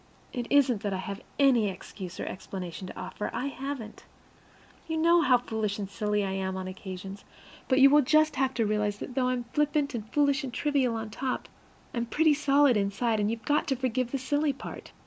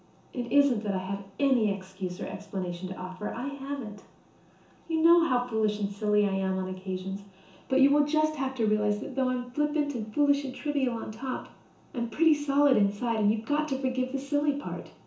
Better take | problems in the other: first | room echo; dies away in 0.7 s

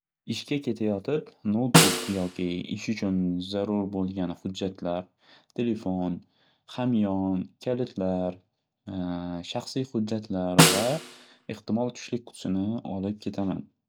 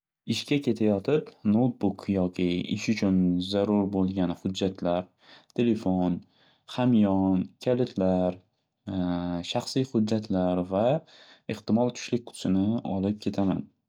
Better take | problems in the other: second | background sound (Snare drum); 4 dB above the speech

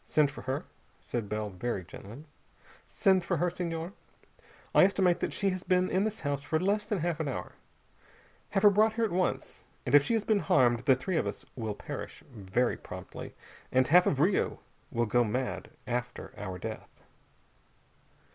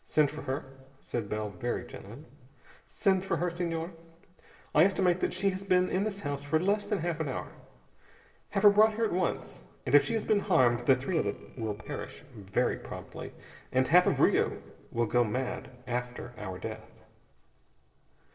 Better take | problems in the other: first | noise reduction (neural separator model SepFormer DNS4)

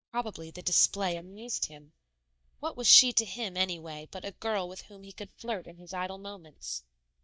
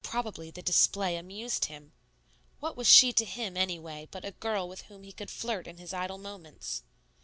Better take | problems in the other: second | noise reduction (neural mask model DeepFilterNet 3)

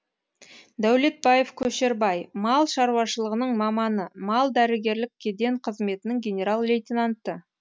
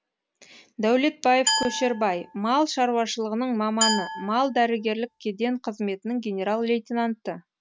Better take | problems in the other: first | background sound (Glass); 6 dB below the speech

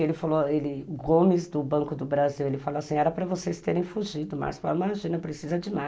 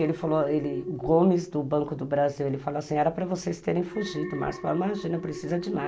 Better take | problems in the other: first | background sound (Alarm); 12 dB below the speech

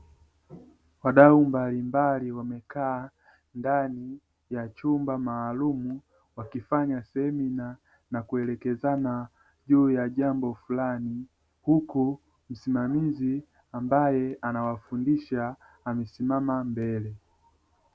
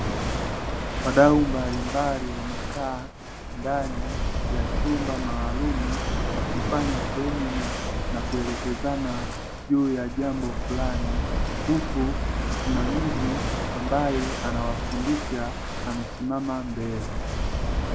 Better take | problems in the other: first | background sound (Walk, footsteps / Waves, surf / Wind); 1 dB above the speech

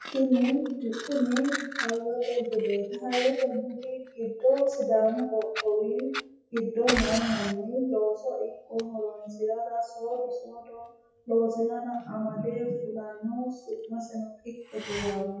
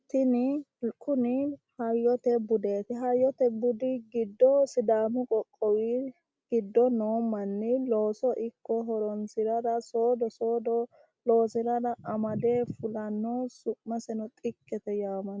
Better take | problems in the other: second | noise reduction (classical method WPE with log-MMSE)

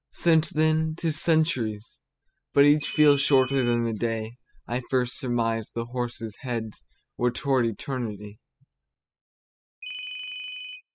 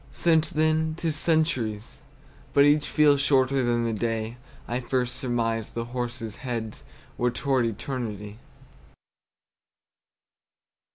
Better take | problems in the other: second | noise reduction (classical method spectral subtraction)

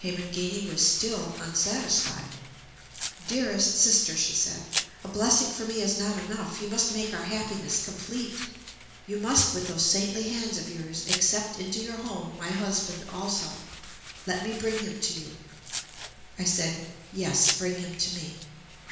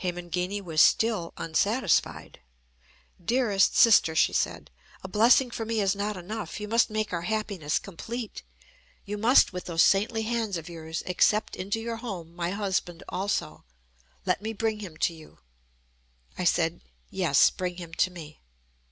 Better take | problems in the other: second | background sound (Domestic sounds, home sounds); 11 dB below the speech // room echo; dies away in 1.1 s

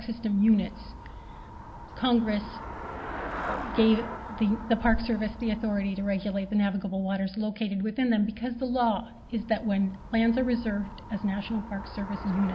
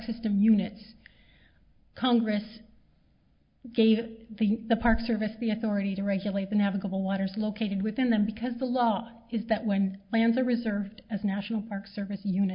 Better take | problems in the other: second | background sound (Traffic noise, roadway noise / Bicycle); 12 dB below the speech

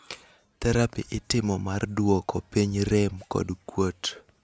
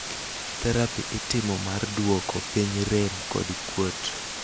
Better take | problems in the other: first | background sound (Water); 6 dB below the speech

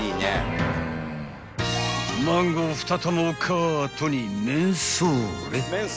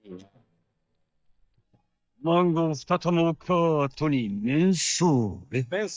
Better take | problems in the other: first | noise reduction (neural mask model DeepFilterNet 3)

